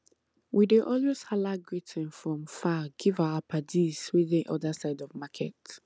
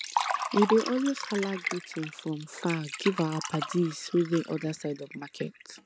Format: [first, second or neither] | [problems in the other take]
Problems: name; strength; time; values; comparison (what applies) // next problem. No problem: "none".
first | background sound (Liquid); 6 dB below the speech